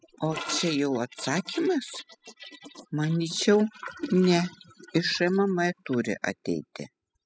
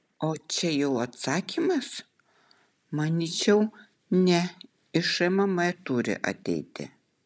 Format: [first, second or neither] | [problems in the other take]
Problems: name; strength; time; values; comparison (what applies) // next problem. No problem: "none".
second | noise reduction (classical method spectral subtraction)